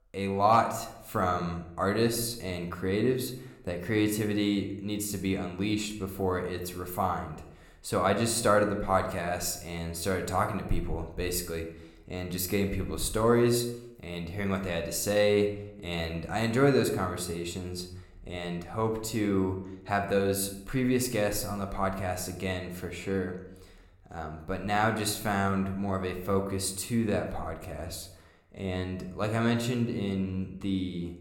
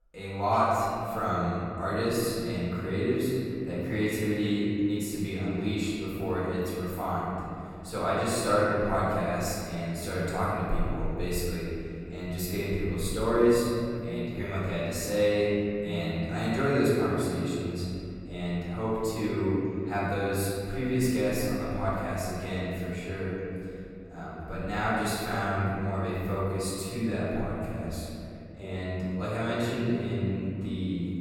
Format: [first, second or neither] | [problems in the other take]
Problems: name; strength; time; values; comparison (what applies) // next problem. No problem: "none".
first | room echo; strong; dies away in 2.9 s; slight in the first // off-mic speech; far